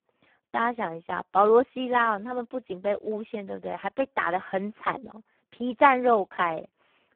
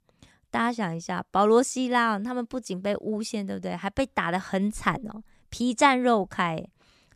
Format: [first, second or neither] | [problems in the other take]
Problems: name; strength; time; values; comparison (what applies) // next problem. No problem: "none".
second | phone-call audio; poor line